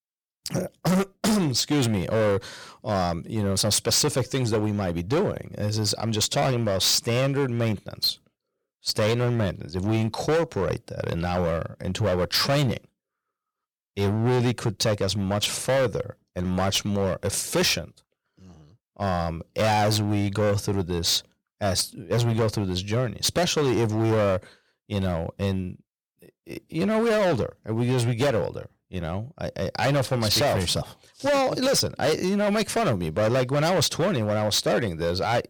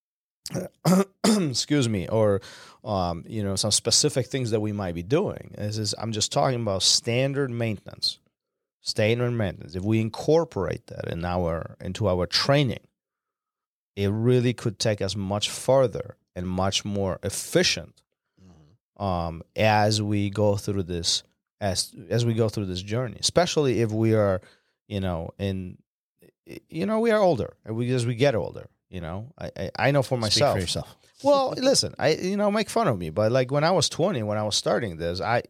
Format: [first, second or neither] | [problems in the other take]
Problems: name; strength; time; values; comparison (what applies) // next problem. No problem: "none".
second | distortion; heavy; 14% of the sound clipped